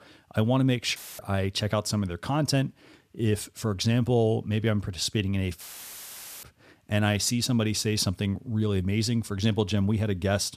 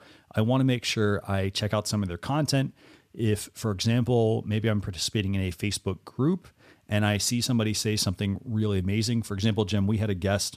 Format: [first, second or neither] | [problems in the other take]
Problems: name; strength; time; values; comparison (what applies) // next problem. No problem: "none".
second | audio cutting out; filled with static; at 1 s and at 5.5 s for 1 s